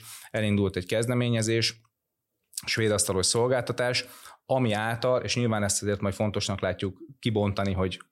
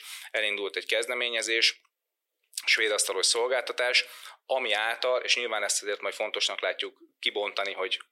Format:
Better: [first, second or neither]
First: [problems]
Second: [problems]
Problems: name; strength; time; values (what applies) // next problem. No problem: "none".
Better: first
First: none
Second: thin; very; fading below 400 Hz